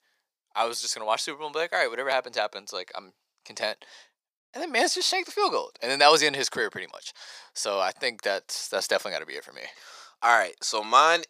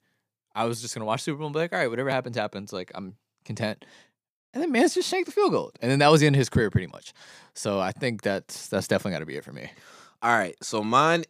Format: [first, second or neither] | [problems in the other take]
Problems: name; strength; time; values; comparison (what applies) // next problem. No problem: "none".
second | thin; very; fading below 700 Hz